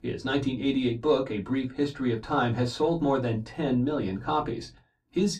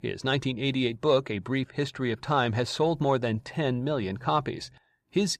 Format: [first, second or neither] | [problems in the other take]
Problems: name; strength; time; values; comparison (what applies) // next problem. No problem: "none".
second | off-mic speech; far // room echo; very slight; dies away in 0.2 s